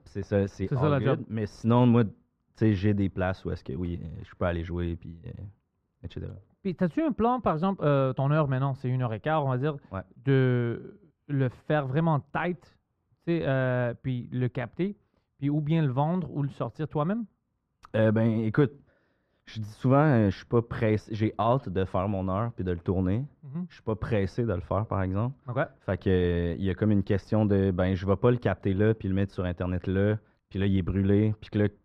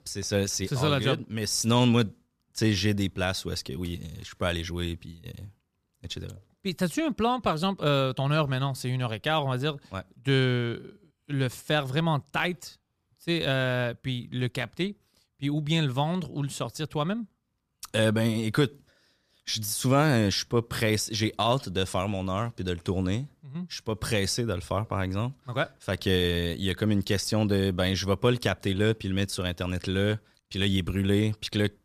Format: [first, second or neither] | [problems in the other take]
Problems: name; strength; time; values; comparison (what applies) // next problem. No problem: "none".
second | muffled; very; fading above 3.5 kHz